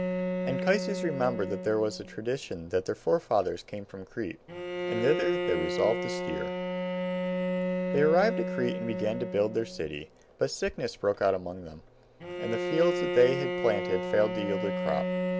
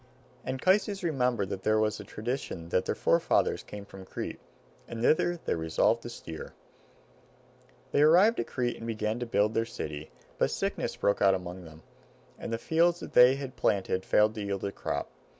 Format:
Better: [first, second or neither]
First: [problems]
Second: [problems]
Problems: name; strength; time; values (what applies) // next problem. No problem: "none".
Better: second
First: background sound (Bowed string instrument); 3 dB below the speech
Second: none